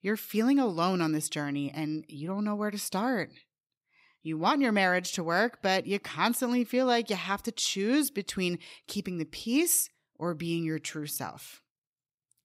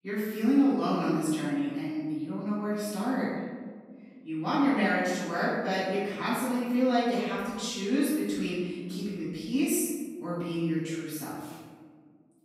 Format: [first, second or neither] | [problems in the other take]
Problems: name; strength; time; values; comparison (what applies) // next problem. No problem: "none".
first | room echo; strong; dies away in 1.5 s // off-mic speech; far